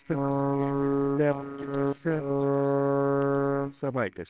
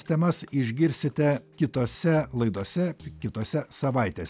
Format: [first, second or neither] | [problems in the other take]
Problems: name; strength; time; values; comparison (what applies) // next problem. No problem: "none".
second | noise reduction (neural separator model SepFormer WHAMR!)